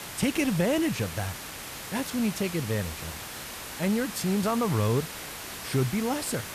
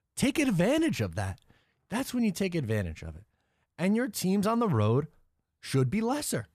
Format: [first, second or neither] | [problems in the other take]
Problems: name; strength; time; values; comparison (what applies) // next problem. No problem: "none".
second | hiss; loud; throughout; 8 dB below the speech